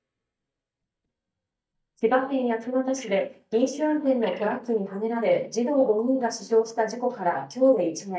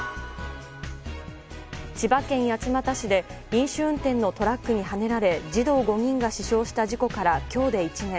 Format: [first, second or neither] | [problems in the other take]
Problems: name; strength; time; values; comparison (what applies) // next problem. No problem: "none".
second | noise reduction (neural mask model DeepFilterNet 3)